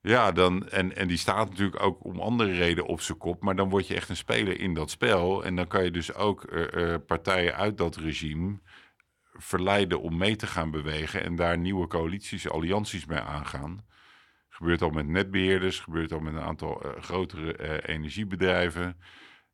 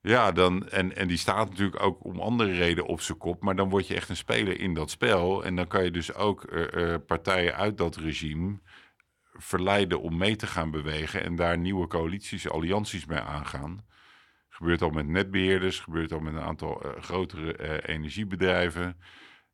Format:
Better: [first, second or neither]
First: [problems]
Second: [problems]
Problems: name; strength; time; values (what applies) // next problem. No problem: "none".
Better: neither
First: none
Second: none